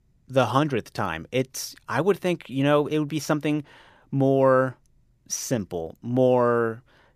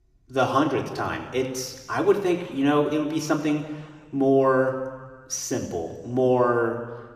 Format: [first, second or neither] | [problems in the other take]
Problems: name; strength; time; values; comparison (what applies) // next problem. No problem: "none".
first | room echo; slight; dies away in 1.4 s // off-mic speech; somewhat distant